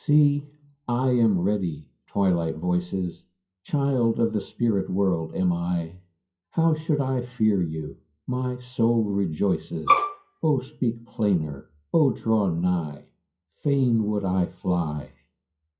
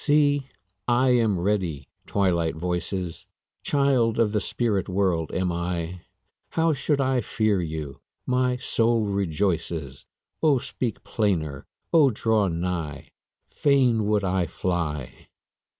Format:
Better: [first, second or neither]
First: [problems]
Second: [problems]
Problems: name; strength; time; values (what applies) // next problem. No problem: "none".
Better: second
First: noise reduction (classical method WPE with log-MMSE)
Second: none